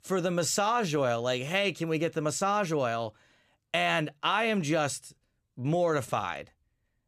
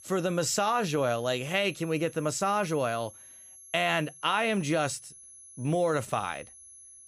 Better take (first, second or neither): first